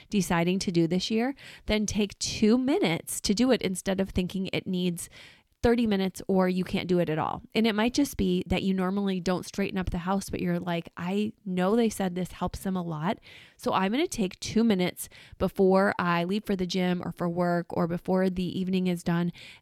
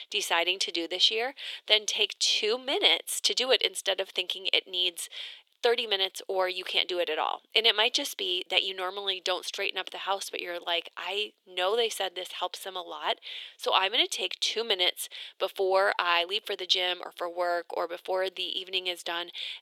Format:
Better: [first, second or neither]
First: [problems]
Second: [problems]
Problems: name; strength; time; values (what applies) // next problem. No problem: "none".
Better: first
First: none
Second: thin; very; fading below 400 Hz